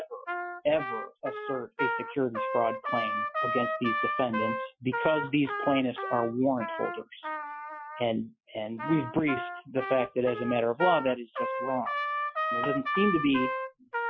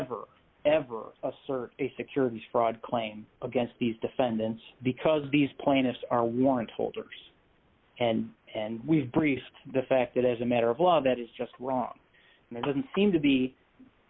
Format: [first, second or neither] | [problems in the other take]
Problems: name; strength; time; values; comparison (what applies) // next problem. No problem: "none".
second | noise reduction (classical method Wiener filter)